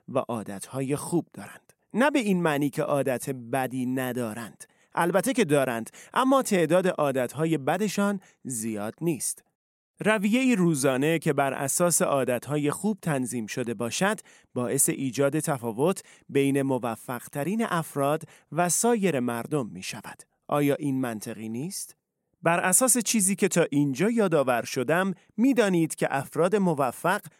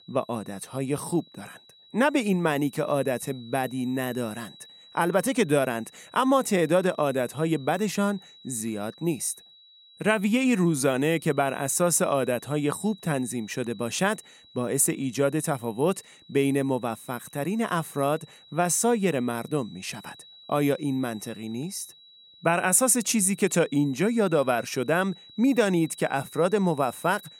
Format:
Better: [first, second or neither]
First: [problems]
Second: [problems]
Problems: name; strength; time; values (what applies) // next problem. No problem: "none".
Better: first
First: none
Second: high-pitched whine; faint; throughout; 4 kHz, 25 dB below the speech